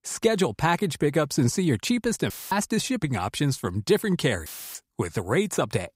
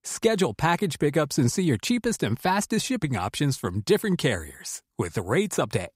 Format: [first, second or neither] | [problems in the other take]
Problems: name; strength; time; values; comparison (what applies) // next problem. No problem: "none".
second | audio cutting out; filled with static; at 2.5 s and at 4.5 s